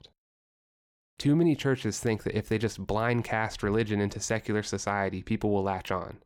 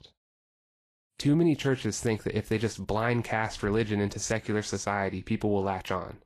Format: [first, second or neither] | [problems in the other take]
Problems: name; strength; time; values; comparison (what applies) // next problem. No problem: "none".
first | garbled, watery; slightly; nothing above 14 kHz